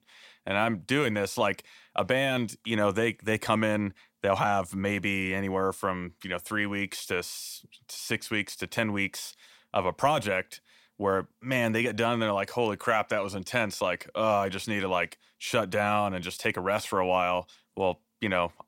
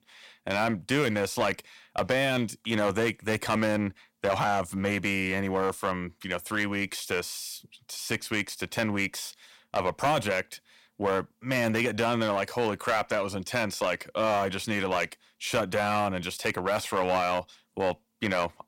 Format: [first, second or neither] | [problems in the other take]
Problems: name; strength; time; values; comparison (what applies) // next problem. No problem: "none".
first | distortion; slight; 6% of the sound clipped